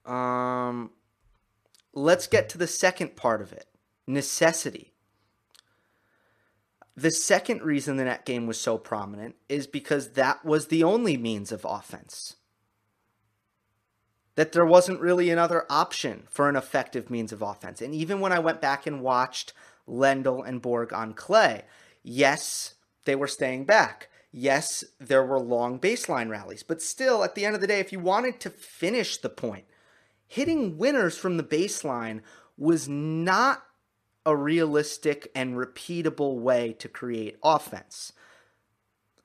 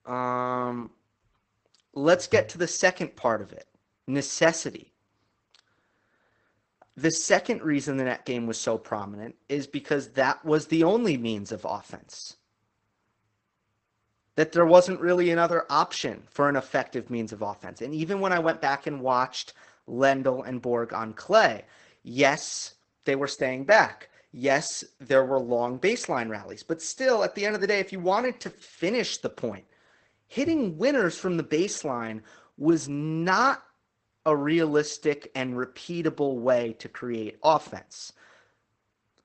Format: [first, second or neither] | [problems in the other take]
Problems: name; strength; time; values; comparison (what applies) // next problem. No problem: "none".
first | garbled, watery; badly; nothing above 8 kHz